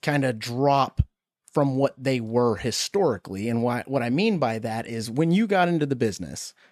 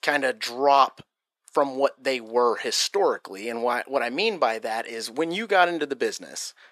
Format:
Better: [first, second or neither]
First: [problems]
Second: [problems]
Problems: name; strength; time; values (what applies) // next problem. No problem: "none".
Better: first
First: none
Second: thin; very; fading below 400 Hz